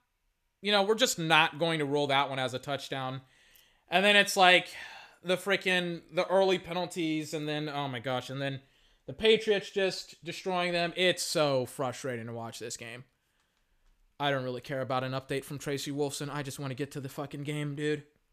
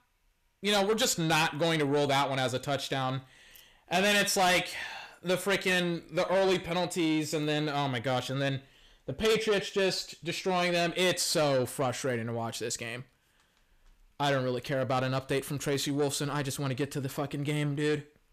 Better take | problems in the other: first | distortion; heavy; 6 dB below the speech

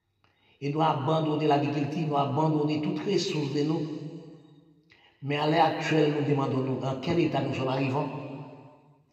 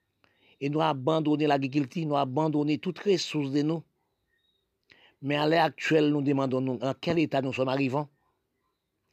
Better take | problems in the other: second | room echo; noticeable; dies away in 2 s // off-mic speech; somewhat distant

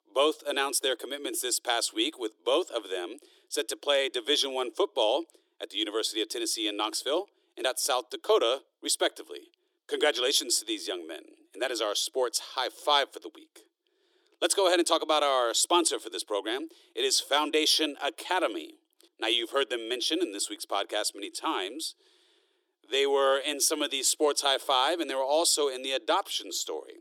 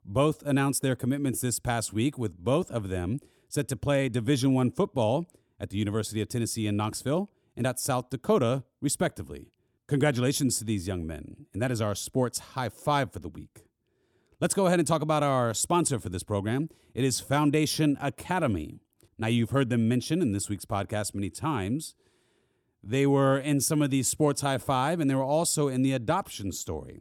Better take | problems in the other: second | thin; very; fading below 350 Hz

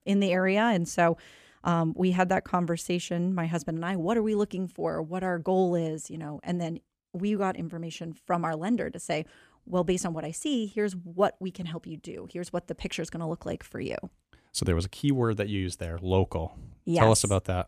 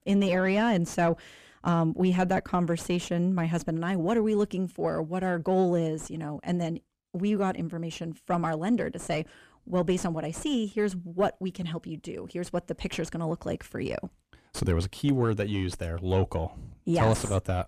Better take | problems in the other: first | distortion; slight; 9 dB below the speech

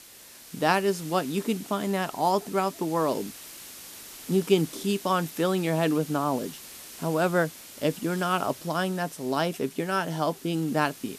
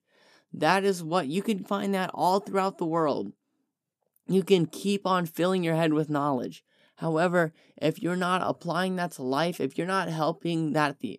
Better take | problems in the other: second | hiss; noticeable; throughout; 15 dB below the speech

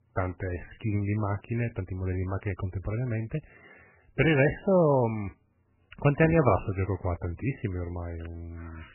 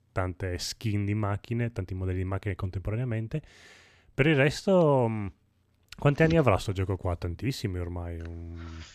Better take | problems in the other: second | garbled, watery; badly; nothing above 3 kHz

